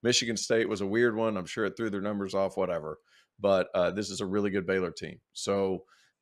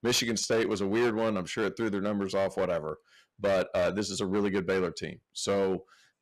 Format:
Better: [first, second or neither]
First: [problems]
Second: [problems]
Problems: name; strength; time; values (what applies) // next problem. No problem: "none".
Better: first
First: none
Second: distortion; slight; 10% of the sound clipped